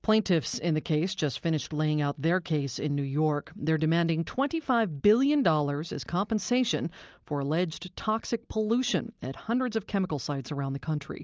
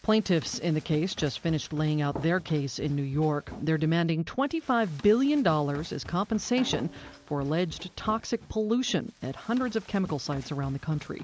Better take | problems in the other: first | background sound (Run + Snare drum); 18 dB below the speech

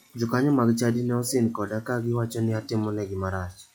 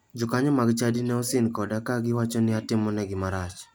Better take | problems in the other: second | noise reduction (classical method log-MMSE)

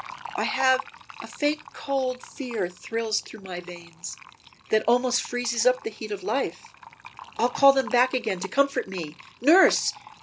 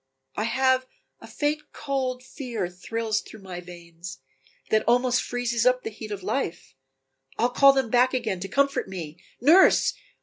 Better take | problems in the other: second | background sound (Fill (with liquid)); 17 dB below the speech

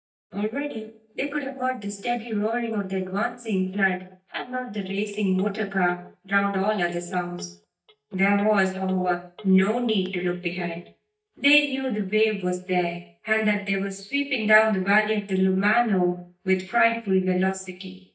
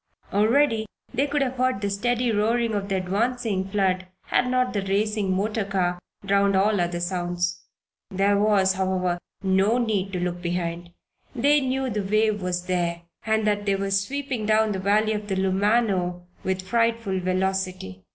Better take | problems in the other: second | noise reduction (neural mask model DeepFilterNet 3)

